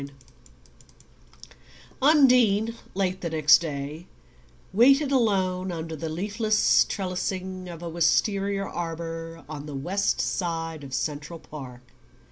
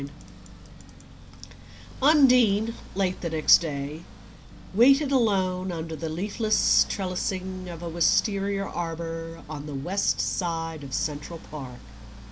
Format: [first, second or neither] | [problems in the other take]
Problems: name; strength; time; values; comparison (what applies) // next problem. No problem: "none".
first | background sound (Accelerating, revving, vroom); 16 dB below the speech